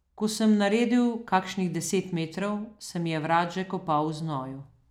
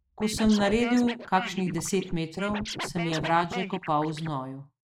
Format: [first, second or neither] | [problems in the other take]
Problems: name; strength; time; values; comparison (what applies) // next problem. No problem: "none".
first | noise reduction (neural mask model Resemble Enhance denoiser)